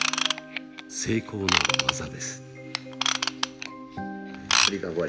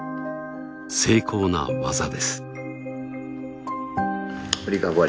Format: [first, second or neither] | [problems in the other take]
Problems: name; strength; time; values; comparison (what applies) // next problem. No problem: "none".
second | background sound (Ratchet, pawl / Tools); 4 dB above the speech // room echo; dies away in 1.3 s